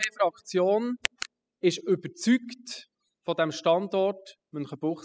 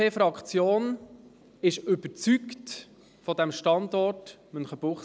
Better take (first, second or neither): second